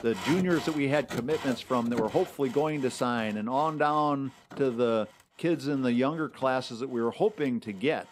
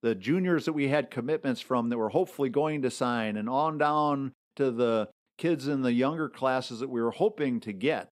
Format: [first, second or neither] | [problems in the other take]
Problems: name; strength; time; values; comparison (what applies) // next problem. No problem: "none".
second | machinery noise; noticeable; throughout; 15 dB below the speech